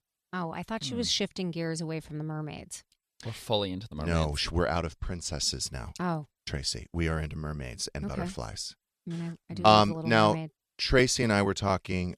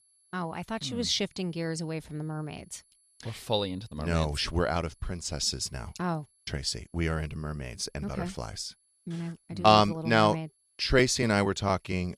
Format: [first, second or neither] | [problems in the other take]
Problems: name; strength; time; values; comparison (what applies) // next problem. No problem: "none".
first | high-pitched whine; faint; throughout; 11 kHz, 35 dB below the speech